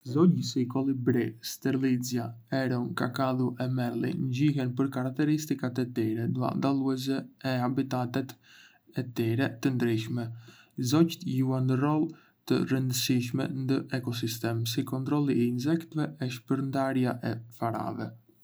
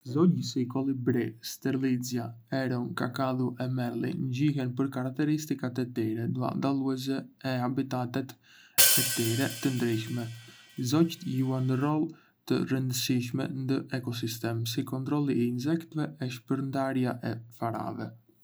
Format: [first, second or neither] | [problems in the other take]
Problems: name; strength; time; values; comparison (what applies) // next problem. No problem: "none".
first | background sound (Hi-hat); 1 dB below the speech